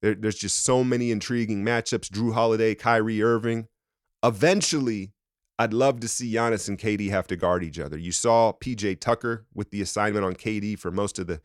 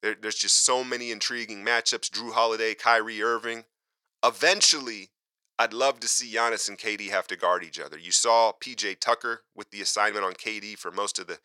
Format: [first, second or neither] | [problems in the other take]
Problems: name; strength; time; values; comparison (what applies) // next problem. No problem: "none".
first | thin; very; fading below 650 Hz